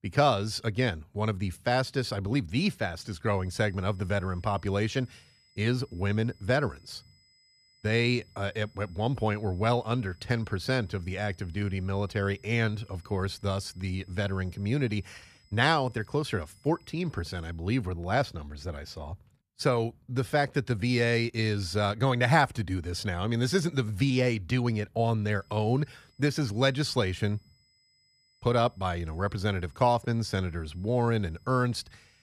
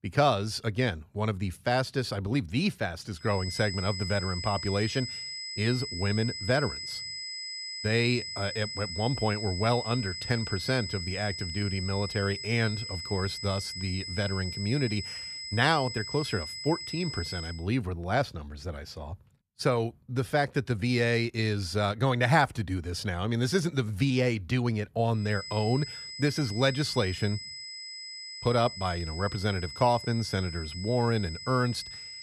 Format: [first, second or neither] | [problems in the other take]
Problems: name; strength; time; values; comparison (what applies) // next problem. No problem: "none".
first | high-pitched whine; loud; from 3.5 to 18 s and from 25 s on; 5 kHz, 7 dB below the speech; faint in the first